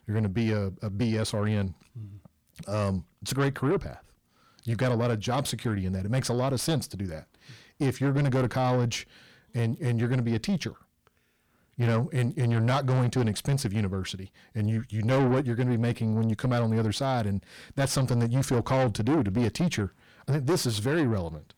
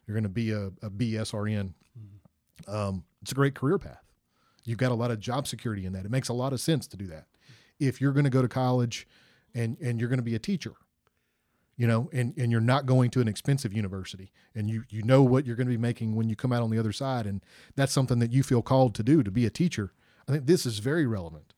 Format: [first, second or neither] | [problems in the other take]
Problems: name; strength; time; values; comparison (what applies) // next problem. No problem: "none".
second | distortion; heavy; 7 dB below the speech